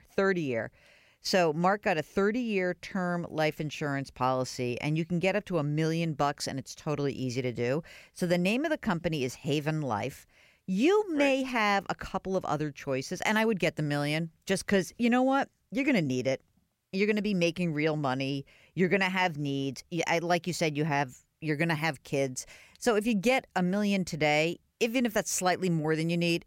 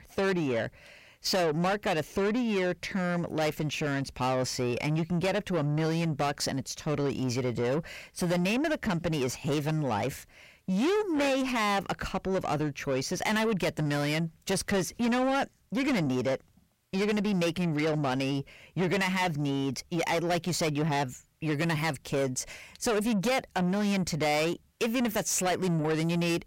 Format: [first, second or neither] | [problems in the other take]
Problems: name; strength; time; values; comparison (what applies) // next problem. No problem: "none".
first | distortion; heavy; 8 dB below the speech